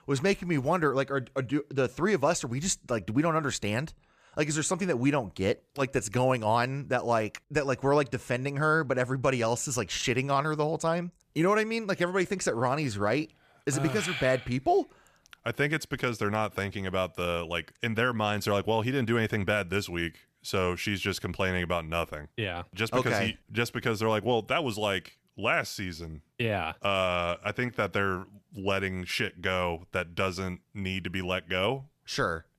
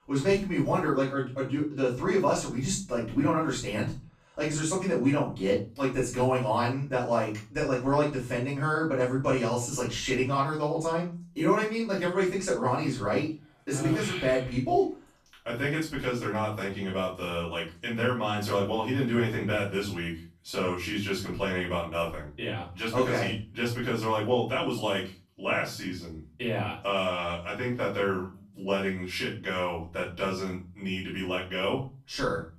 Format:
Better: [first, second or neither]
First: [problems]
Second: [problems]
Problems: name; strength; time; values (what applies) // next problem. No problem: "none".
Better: first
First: none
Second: off-mic speech; far // room echo; noticeable; dies away in 0.3 s